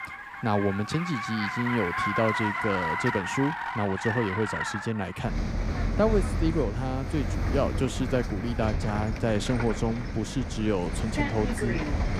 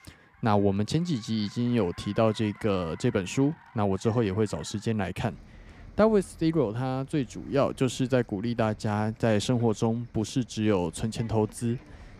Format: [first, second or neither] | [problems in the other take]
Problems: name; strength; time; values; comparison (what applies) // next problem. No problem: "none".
second | traffic noise; loud; throughout; 2 dB below the speech; faint in the second